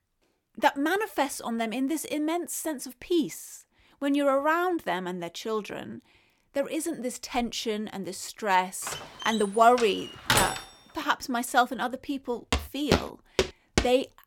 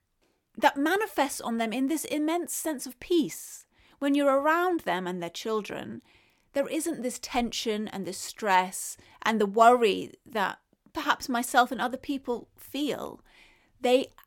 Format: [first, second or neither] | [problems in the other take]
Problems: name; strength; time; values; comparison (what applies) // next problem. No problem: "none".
second | door banging; loud; from 9 to 11 s; peak 4 dB above the speech // footsteps; loud; from 13 s on; peak 1 dB above the speech